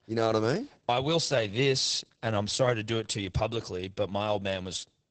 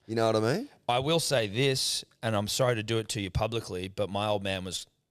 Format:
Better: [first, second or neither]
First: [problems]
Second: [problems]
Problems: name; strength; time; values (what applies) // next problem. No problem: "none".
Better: second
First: garbled, watery; badly; nothing above 8 kHz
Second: none